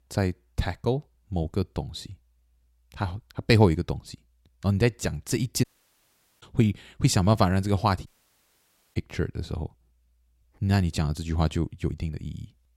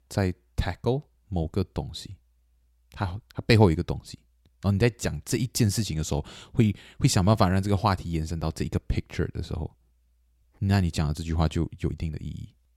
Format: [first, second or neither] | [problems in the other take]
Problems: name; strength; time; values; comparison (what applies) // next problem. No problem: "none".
second | audio cutting out; at 5.5 s for 1 s and at 8 s for 1 s